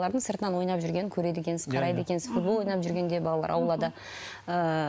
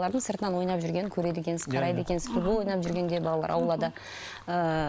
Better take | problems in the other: first | background sound (Chewing, mastication); 17 dB below the speech

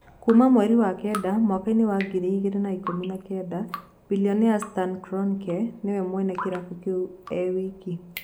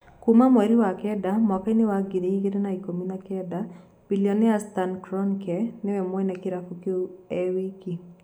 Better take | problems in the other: second | background sound (Drip); 17 dB below the speech

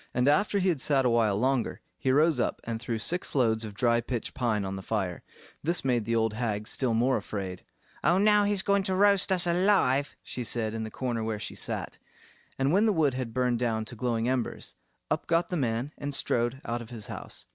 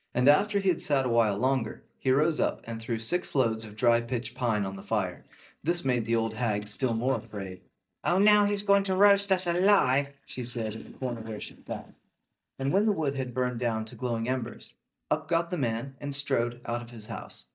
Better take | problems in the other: first | noise reduction (neural mask model DeepFilterNet 3)

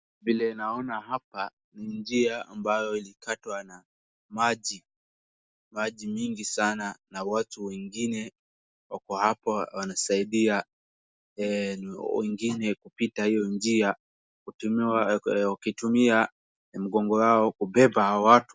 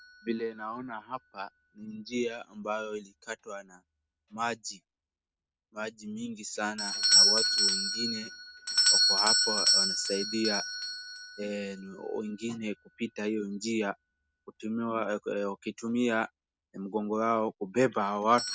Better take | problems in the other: first | background sound (Doorbell); 2 dB above the speech

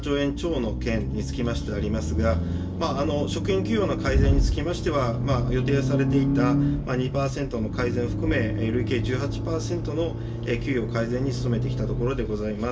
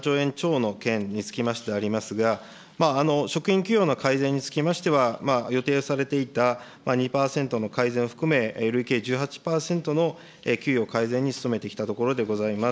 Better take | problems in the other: second | background sound (Accelerating, revving, vroom); 1 dB above the speech // room echo; dies away in 0.1 s

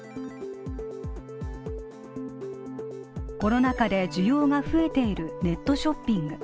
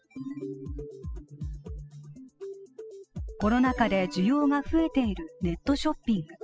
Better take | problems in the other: first | noise reduction (classical method spectral subtraction)

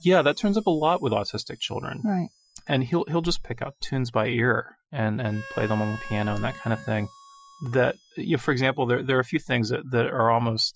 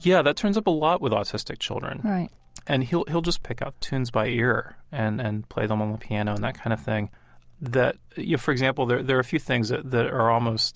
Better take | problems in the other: second | noise reduction (classical method Wiener filter)

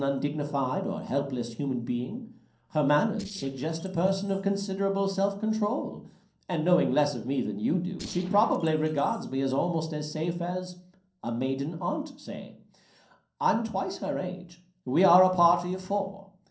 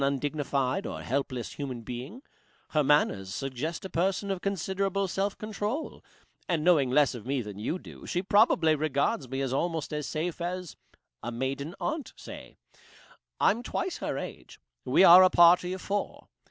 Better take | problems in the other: second | noise reduction (neural separator model SepFormer DNS4)

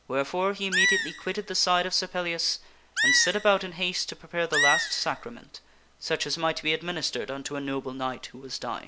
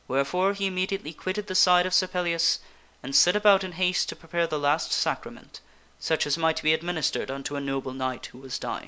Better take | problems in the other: second | background sound (Animal); as loud as the speech

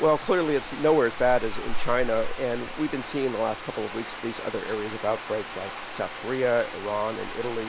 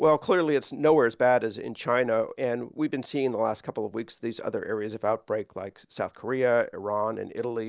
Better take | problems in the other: second | background sound (Bathtub (filling or washing)); 5 dB below the speech

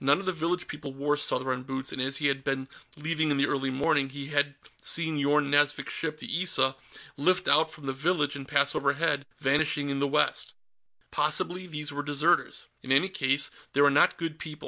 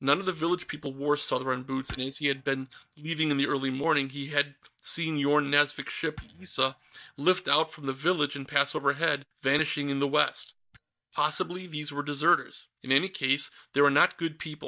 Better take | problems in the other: first | noise reduction (neural mask model DeepFilterNet 3)

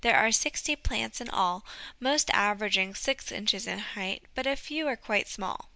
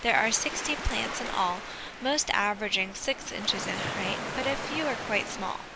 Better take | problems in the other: first | background sound (Waves, surf); 6 dB below the speech

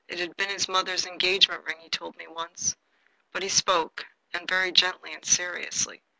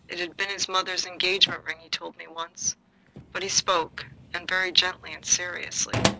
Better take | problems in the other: first | background sound (Drawer open or close); 8 dB below the speech

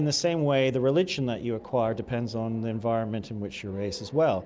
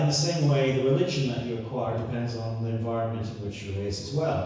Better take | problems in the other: first | room echo; dies away in 1.1 s

